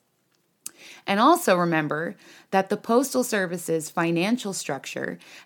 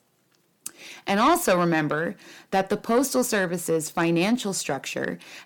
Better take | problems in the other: first | distortion; slight; 10 dB below the speech

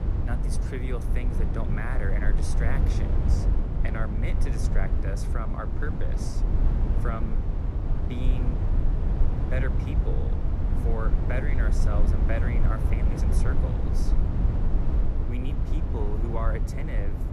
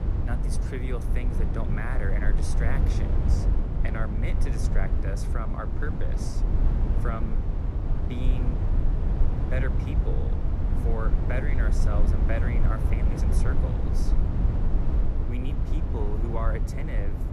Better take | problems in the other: neither | low rumble; loud; throughout; 2 dB below the speech; the same in both

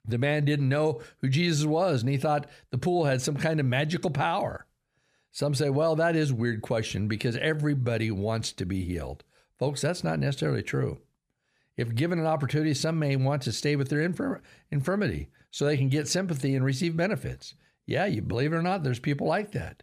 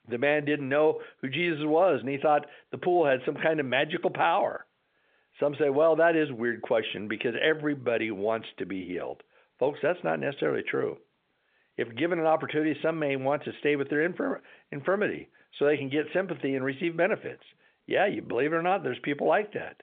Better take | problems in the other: first | phone-call audio; nothing above 3 kHz

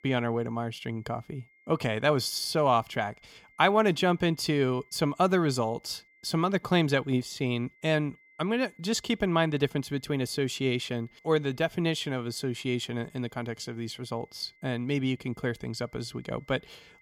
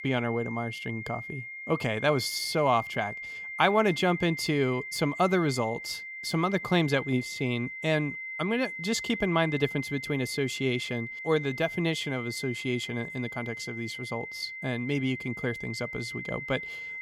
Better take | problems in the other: first | high-pitched whine; loud; throughout; 2 kHz, 8 dB below the speech; faint in the first

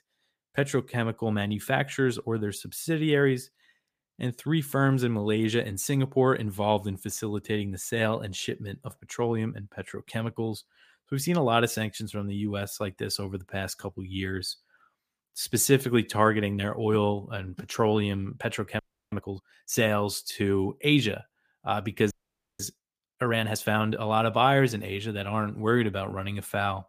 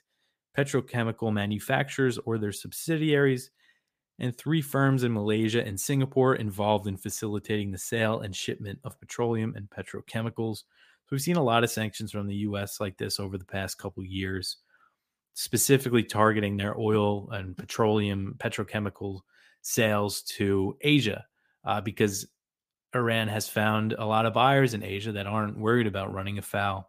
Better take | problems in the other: second | audio freezing; at 19 s and at 22 s

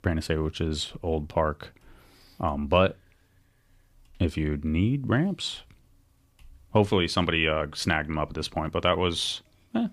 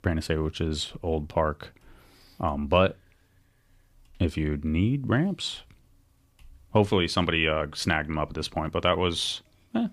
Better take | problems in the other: neither | none

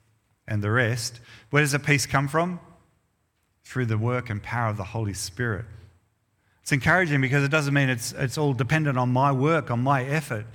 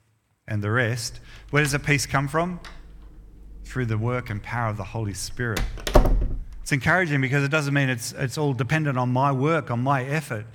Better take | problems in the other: first | door banging; loud; at 5.5 s; peak 3 dB above the speech

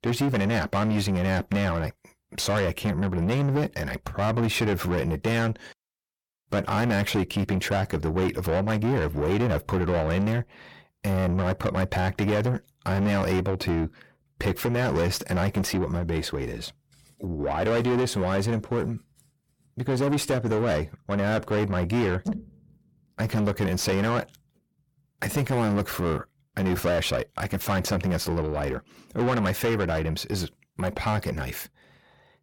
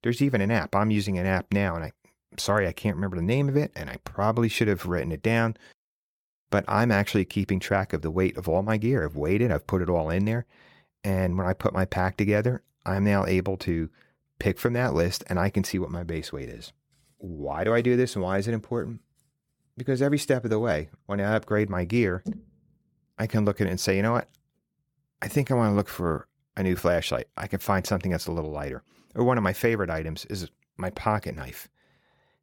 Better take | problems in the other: second | distortion; heavy; 7 dB below the speech

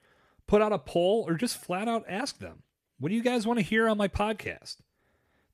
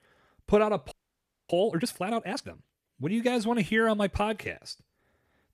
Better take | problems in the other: first | audio freezing; at 1 s for 0.5 s

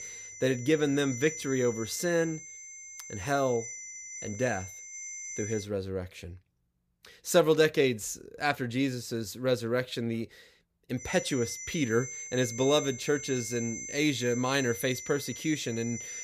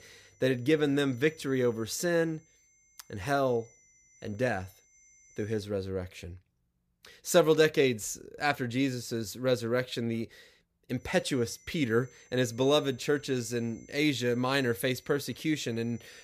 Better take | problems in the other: second | high-pitched whine; loud; until 5.5 s and from 11 s on; 6 kHz, 10 dB below the speech; faint in the second

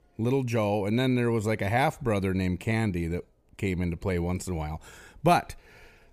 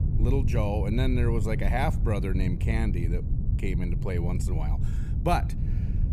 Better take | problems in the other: first | low rumble; loud; throughout; 10 dB below the speech

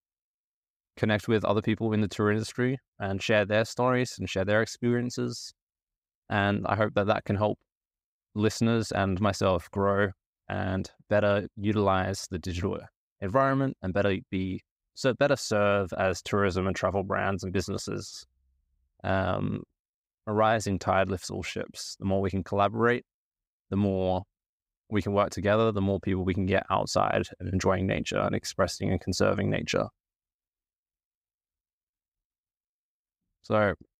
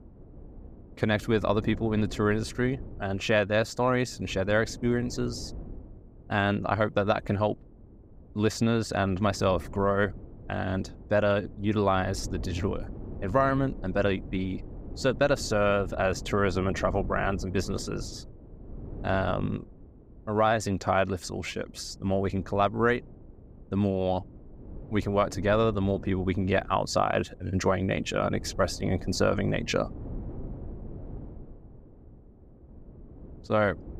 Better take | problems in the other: first | wind noise on the microphone; occasional gusts; 25 dB below the speech

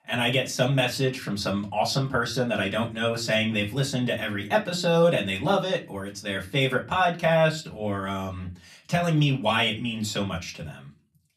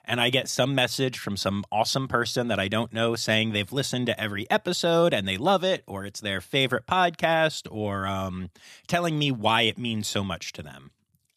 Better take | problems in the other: second | off-mic speech; far // room echo; very slight; dies away in 0.2 s

